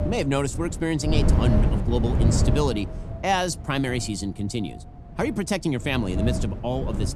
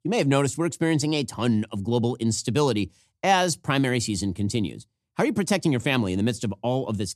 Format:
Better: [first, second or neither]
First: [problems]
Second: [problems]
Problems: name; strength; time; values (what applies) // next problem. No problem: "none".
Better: second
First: wind noise on the microphone; heavy; 7 dB below the speech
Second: none